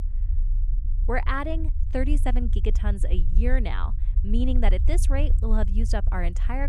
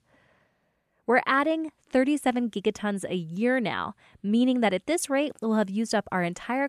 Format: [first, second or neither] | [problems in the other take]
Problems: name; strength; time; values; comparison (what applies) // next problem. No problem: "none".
second | low rumble; noticeable; throughout; 15 dB below the speech